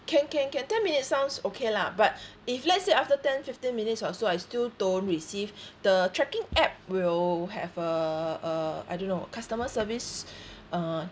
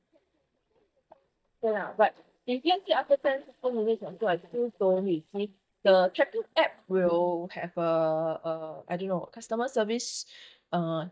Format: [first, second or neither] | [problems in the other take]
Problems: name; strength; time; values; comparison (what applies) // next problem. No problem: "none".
first | noise reduction (neural mask model DeepFilterNet 3)